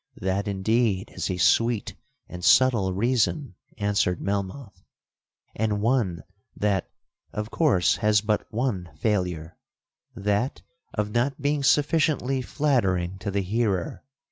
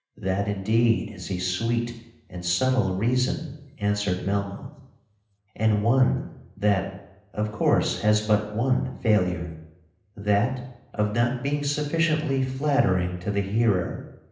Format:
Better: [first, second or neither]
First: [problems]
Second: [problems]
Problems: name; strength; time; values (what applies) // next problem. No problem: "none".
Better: first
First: none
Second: room echo; dies away in 0.8 s